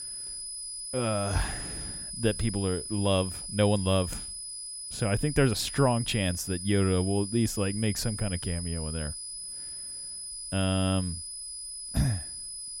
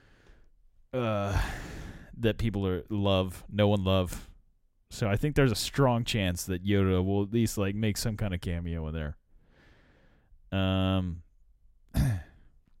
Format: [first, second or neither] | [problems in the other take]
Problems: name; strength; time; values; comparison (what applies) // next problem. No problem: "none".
second | high-pitched whine; loud; throughout; 10 kHz, 7 dB below the speech